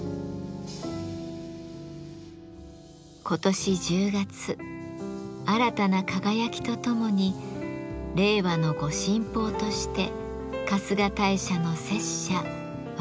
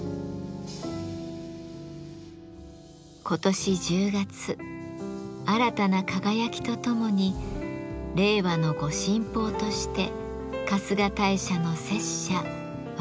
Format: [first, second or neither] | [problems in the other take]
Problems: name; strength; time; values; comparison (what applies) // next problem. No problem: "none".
first | background sound (Fireworks); 17 dB below the speech